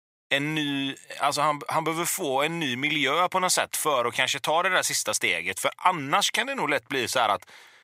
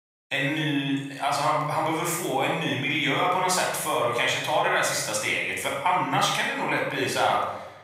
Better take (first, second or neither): first